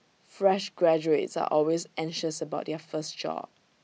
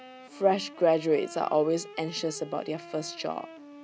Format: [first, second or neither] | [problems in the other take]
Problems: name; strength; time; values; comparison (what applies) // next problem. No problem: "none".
first | background sound (Wind instrument, woodwind instrument); 17 dB below the speech